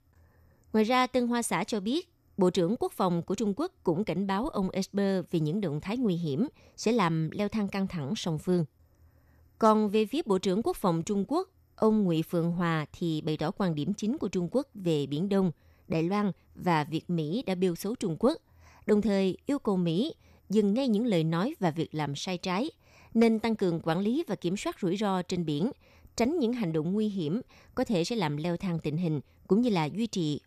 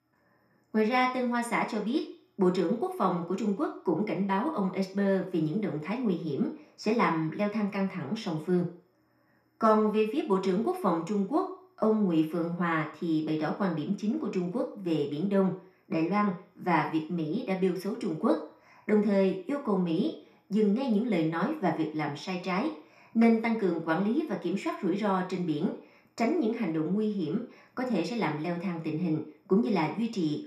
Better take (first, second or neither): first